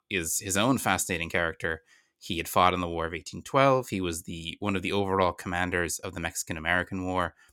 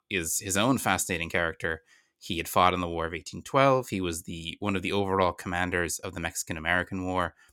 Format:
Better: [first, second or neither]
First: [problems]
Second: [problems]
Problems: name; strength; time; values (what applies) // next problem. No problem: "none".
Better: neither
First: none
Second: none